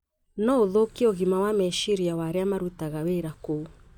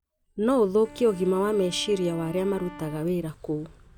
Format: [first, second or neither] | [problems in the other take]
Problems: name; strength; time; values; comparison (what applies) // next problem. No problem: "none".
first | background sound (Wind instrument, woodwind instrument); 19 dB below the speech